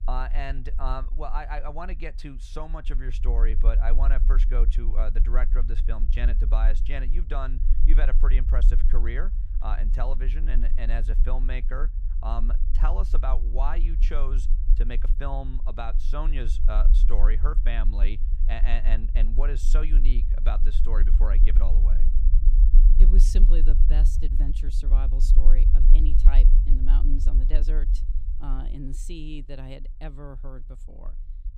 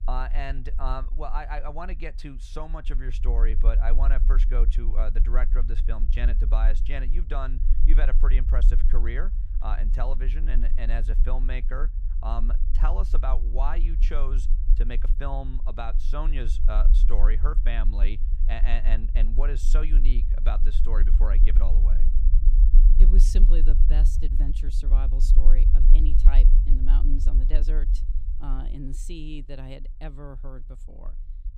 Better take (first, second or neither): neither